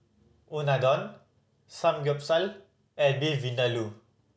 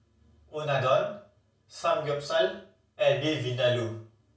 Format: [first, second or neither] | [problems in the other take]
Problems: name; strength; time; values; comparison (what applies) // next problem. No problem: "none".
first | room echo; dies away in 0.3 s